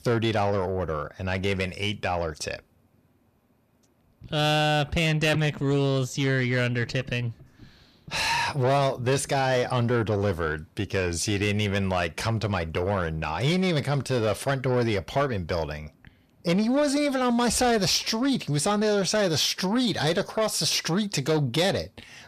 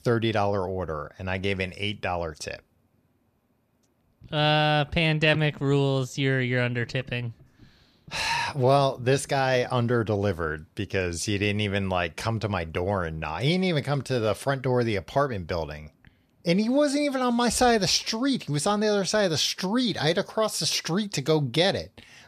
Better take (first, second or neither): second